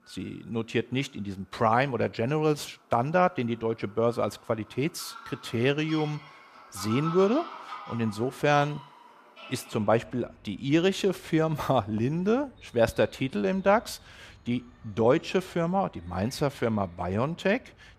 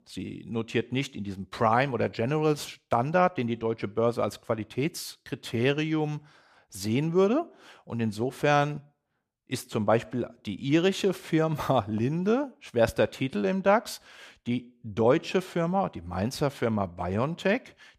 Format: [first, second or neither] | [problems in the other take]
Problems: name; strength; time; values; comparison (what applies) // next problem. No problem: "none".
second | animal sounds; noticeable; throughout; 20 dB below the speech